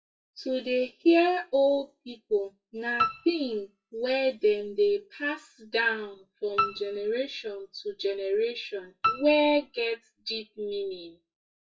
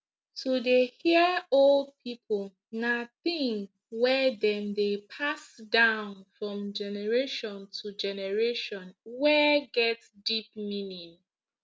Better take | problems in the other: second | noise reduction (classical method WPE with log-MMSE)

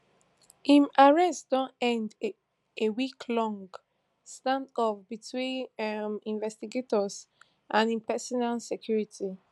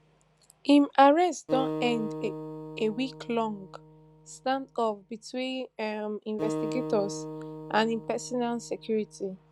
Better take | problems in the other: first | background sound (Acoustic guitar); 10 dB below the speech

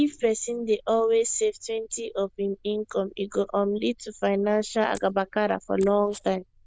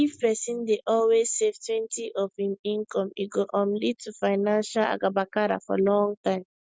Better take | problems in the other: second | noise reduction (neural diffusion model UNIVERSE++)

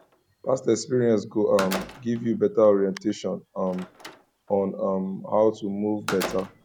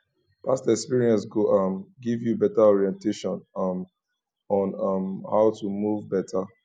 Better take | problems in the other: second | background sound (Slam); 15 dB below the speech

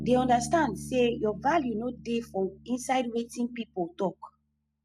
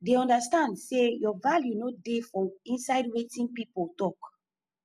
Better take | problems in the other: second | background sound (Bass guitar); 14 dB below the speech

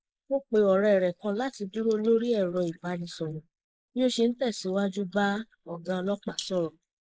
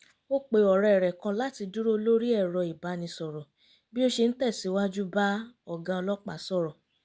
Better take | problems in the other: second | noise reduction (neural mask model Resemble Enhance denoiser)

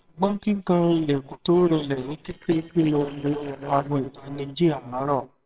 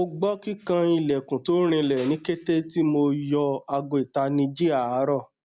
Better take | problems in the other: second | noise reduction (neural separator model SepFormer WHAMR!)

